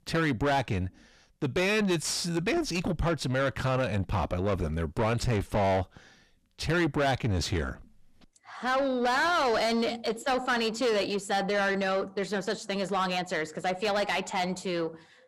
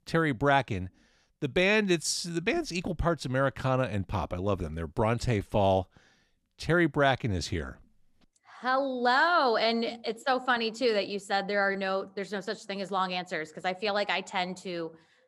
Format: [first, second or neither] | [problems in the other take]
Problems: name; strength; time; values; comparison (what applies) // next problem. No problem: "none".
second | distortion; heavy; 7 dB below the speech